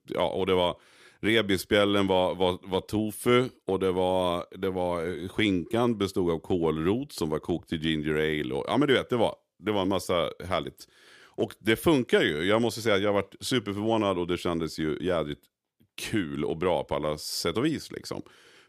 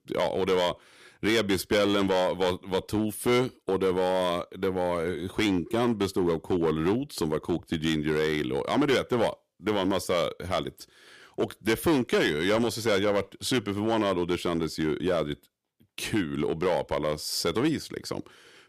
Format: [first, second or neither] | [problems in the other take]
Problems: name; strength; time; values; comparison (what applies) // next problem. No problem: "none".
first | distortion; slight; 6% of the sound clipped